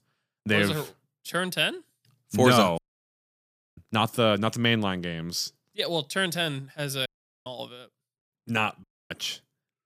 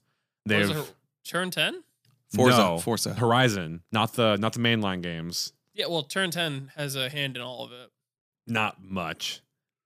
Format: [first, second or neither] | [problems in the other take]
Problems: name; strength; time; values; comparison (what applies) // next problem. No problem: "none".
second | audio cutting out; at 3 s for 1 s, at 7 s and at 9 s